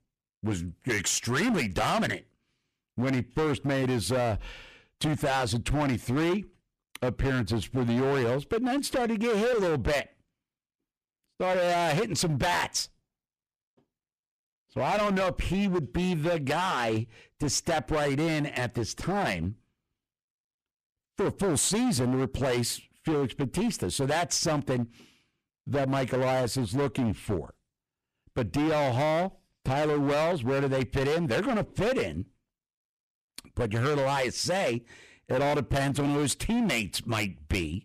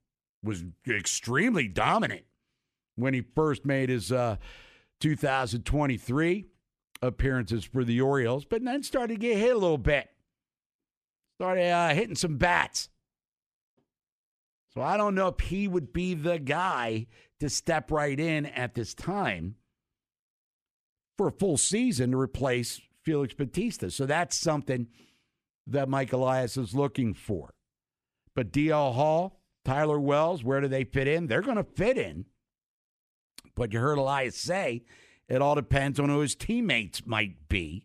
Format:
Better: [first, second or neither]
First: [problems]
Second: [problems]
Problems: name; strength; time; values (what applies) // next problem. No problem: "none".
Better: second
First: distortion; heavy; 19% of the sound clipped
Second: none